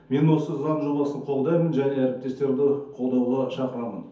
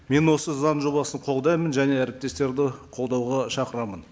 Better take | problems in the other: second | room echo; dies away in 0.5 s

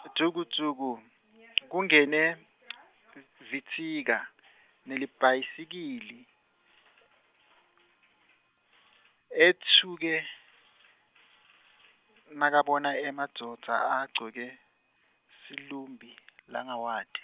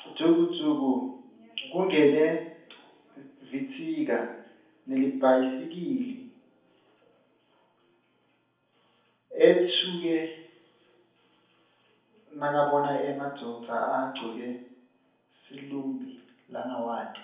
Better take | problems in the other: first | room echo; dies away in 0.7 s

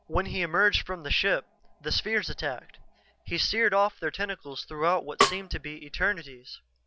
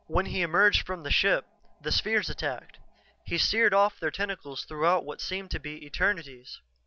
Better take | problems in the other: second | background sound (Snare drum); 1 dB below the speech

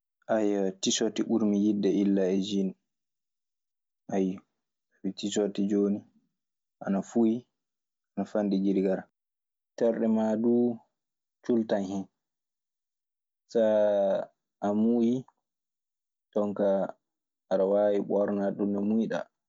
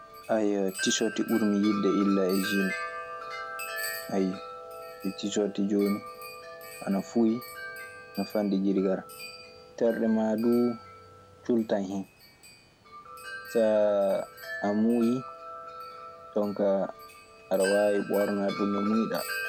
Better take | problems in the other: first | background sound (Wind chime); 11 dB below the speech

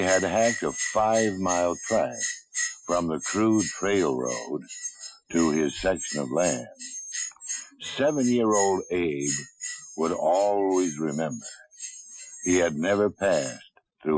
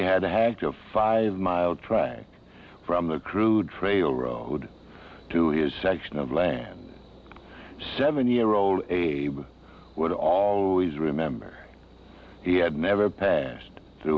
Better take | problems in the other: second | noise reduction (classical method Wiener filter)

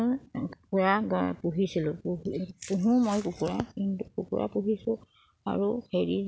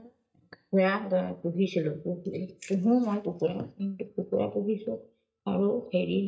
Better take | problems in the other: first | noise reduction (neural mask model DeepFilterNet 3)

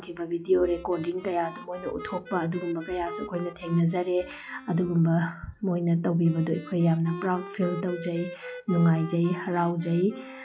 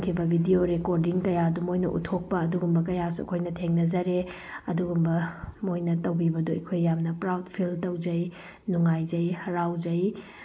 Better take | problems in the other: second | noise reduction (classical method log-MMSE)

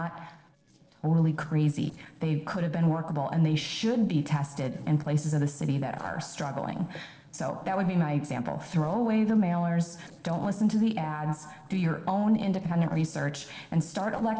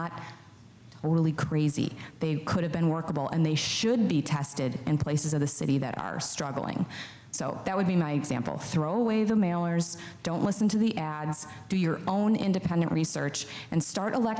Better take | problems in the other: second | noise reduction (neural separator model SepFormer DNS4)

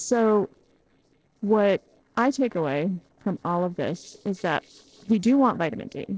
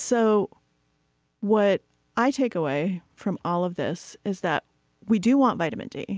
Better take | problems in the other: second | noise reduction (neural separator model SepFormer DNS4)

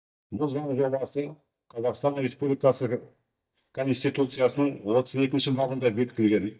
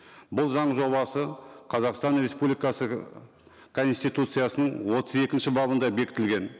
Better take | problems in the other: second | noise reduction (neural mask model DeepFilterNet 3)

